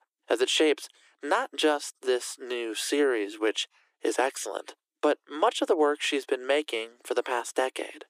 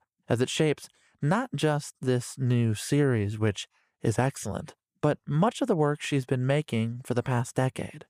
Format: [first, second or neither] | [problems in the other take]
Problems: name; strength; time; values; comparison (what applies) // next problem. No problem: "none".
second | thin; very; fading below 300 Hz